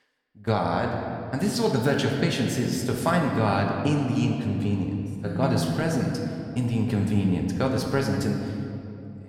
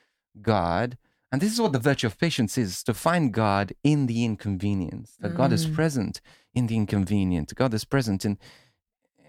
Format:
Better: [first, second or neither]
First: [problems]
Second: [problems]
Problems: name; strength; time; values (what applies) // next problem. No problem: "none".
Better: second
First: room echo; noticeable; dies away in 2.1 s // off-mic speech; somewhat distant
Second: none